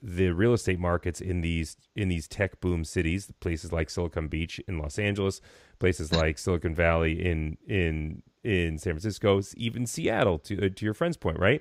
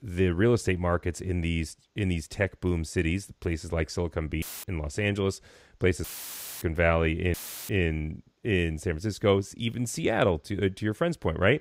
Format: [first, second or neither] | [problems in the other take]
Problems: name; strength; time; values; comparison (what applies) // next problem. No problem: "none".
first | audio cutting out; filled with static; at 4.5 s, at 6 s for 0.5 s and at 7.5 s